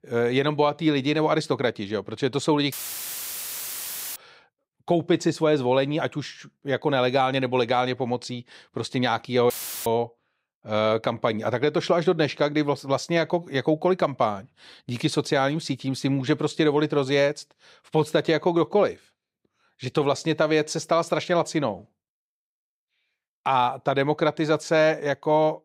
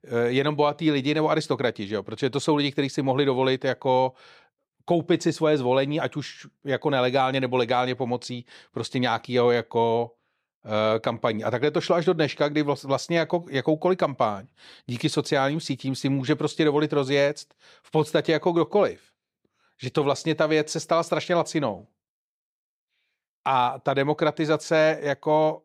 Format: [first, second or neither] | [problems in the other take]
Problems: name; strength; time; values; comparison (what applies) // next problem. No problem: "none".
second | audio cutting out; filled with static; at 2.5 s for 1.5 s and at 9.5 s